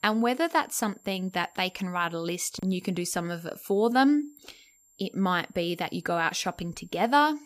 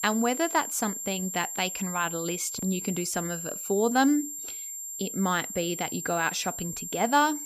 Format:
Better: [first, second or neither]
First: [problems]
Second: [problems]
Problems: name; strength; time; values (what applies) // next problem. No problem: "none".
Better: first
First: high-pitched whine; faint; throughout; 7.5 kHz, 30 dB below the speech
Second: high-pitched whine; loud; throughout; 7.5 kHz, 5 dB below the speech